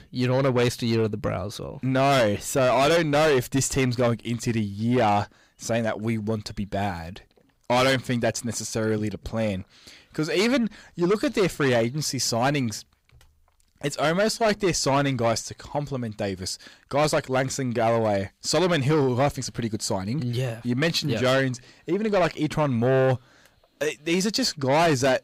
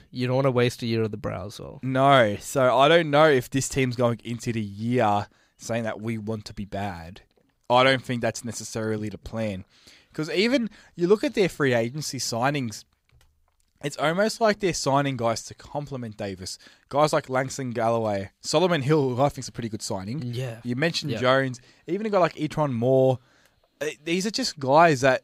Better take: second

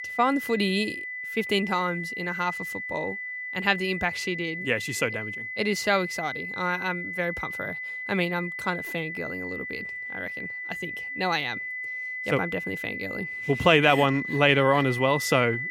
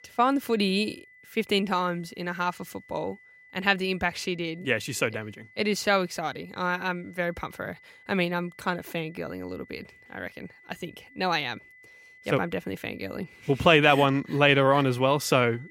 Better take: second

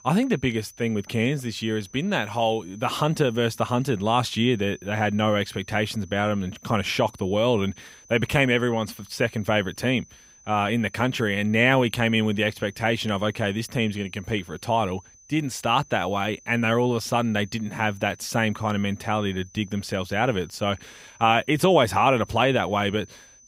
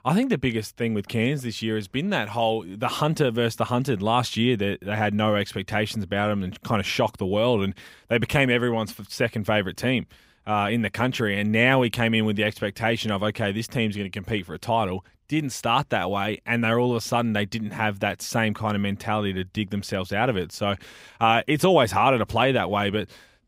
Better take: second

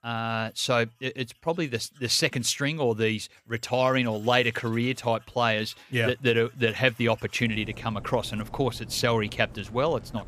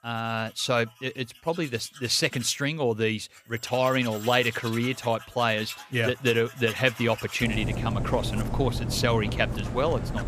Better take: first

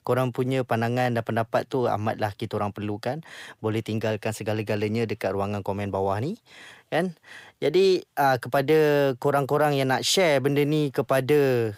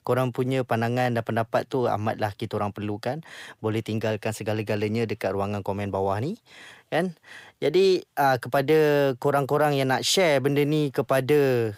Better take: neither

